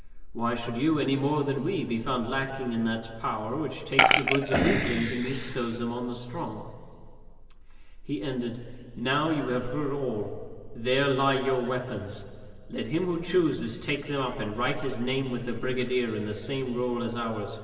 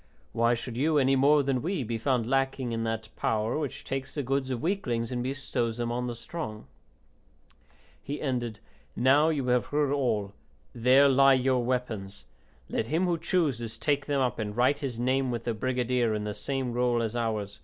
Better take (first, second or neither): second